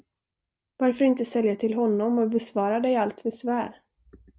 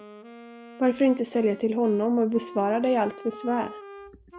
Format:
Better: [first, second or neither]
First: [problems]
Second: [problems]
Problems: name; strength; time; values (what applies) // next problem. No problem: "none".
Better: first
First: none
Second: background sound (Wind instrument, woodwind instrument); 18 dB below the speech